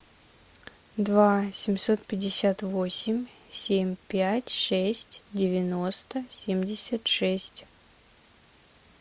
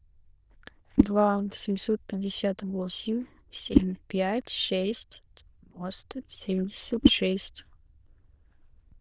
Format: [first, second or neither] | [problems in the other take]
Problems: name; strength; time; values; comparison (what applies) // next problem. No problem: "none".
first | noise reduction (neural diffusion model UNIVERSE++)